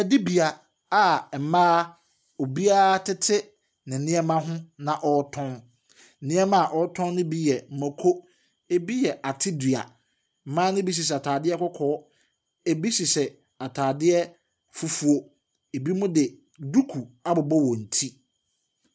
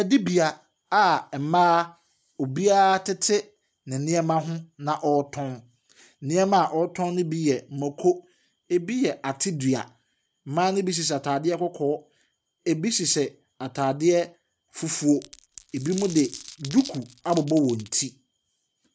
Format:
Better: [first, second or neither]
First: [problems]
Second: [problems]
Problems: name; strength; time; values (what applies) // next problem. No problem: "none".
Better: first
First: none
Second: background sound (Glass); 17 dB below the speech